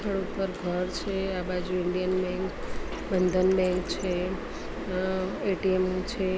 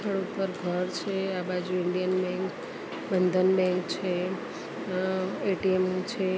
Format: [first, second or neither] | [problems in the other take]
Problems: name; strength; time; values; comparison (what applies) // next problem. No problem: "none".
second | background sound (Printer); 10 dB below the speech